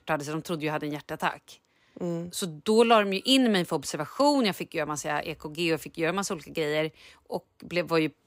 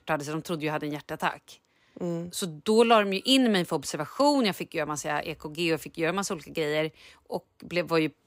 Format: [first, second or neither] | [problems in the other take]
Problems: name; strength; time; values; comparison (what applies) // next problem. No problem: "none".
neither | none